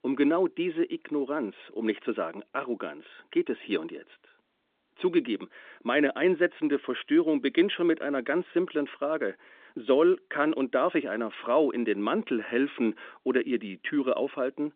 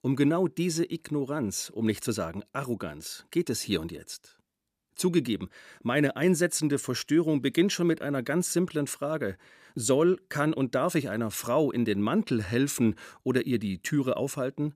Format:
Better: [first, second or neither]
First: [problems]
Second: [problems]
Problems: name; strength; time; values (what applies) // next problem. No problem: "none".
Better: second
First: phone-call audio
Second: none